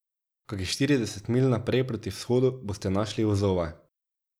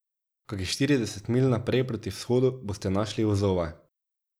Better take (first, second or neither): first